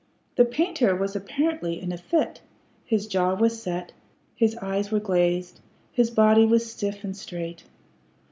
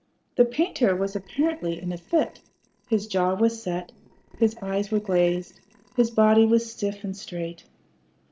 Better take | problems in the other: first | noise reduction (neural separator model SepFormer DNS4)

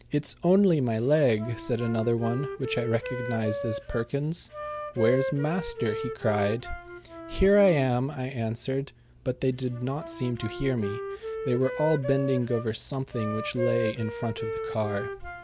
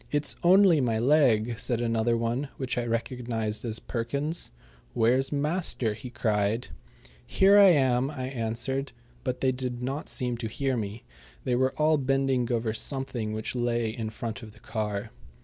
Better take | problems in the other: second | background sound (Wind instrument, woodwind instrument); 8 dB below the speech

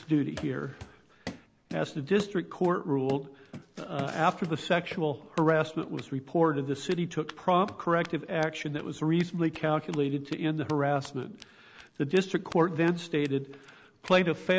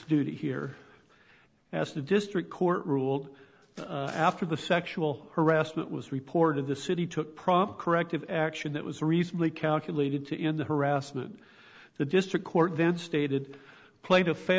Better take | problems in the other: second | background sound (Run); 19 dB below the speech

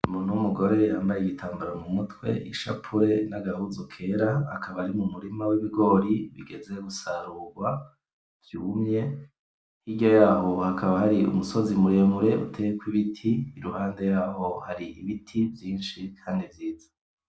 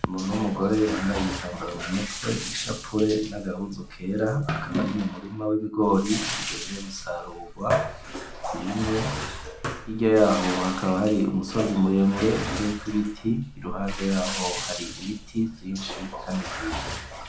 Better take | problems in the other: first | background sound (Bathtub (filling or washing)); 7 dB below the speech

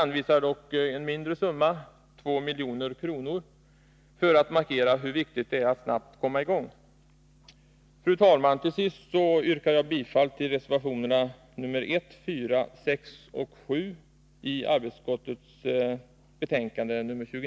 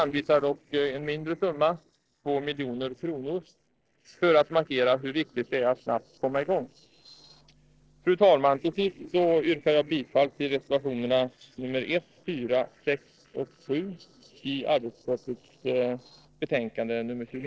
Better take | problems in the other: first | noise reduction (neural separator model SepFormer DNS4)

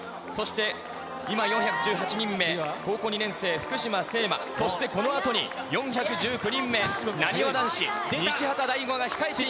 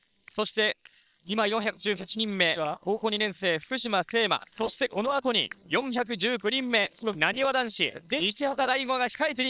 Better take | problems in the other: first | noise reduction (neural separator model SepFormer WHAM!)

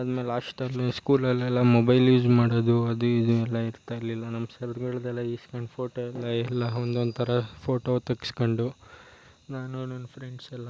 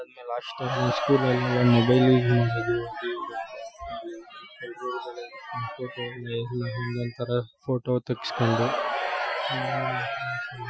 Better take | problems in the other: first | noise reduction (classical method Wiener filter)

